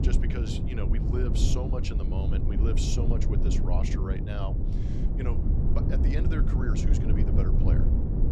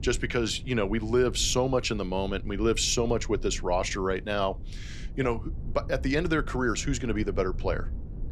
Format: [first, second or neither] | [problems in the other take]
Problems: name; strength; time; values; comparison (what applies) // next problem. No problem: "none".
second | low rumble; loud; throughout; as loud as the speech; faint in the second